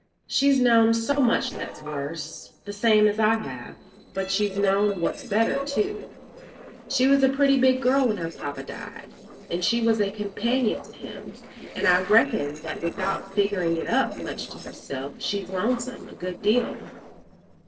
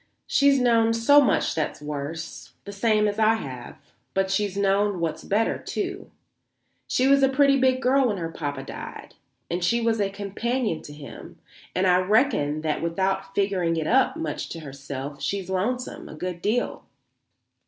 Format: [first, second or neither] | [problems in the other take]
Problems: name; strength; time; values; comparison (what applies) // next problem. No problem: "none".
second | noise reduction (neural separator model SepFormer DNS4)